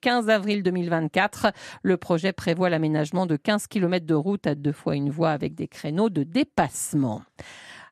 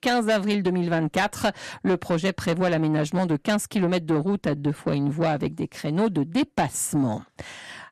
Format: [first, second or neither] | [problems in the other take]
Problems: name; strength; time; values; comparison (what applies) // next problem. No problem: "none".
first | distortion; slight; 10 dB below the speech